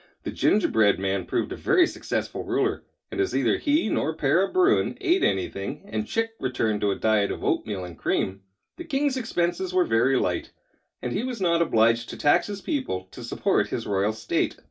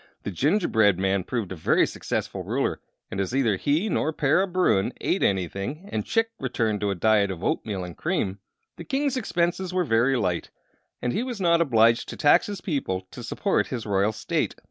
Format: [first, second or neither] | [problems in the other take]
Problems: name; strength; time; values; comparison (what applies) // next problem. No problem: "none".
second | room echo; dies away in 0.2 s